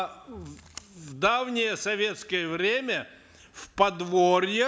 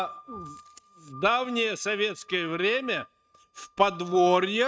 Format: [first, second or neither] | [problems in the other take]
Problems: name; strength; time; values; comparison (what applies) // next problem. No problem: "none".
first | noise reduction (neural mask model RNNoise)